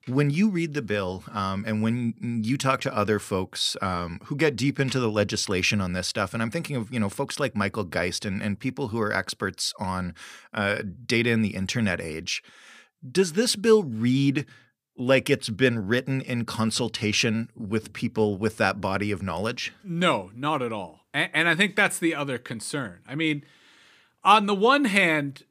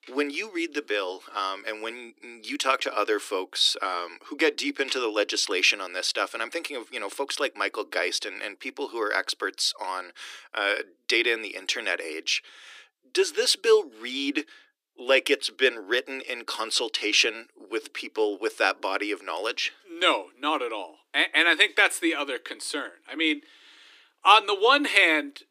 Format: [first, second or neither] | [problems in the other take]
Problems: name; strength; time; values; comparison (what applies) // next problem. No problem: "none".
first | thin; somewhat; fading below 300 Hz